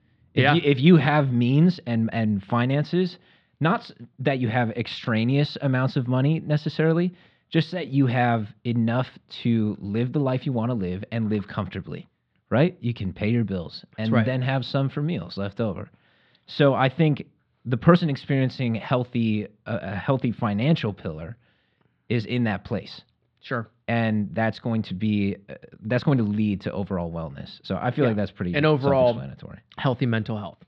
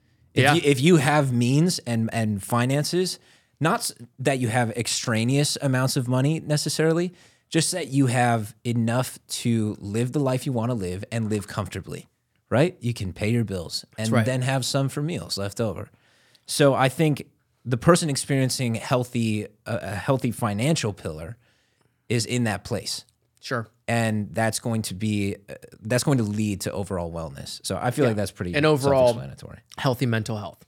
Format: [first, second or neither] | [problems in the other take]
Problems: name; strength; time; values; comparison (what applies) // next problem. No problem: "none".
second | muffled; slightly; fading above 4 kHz